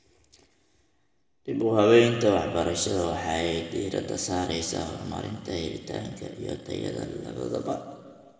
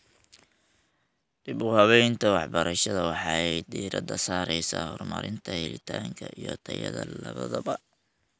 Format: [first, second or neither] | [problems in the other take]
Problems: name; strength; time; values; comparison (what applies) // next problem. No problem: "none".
second | room echo; dies away in 1.5 s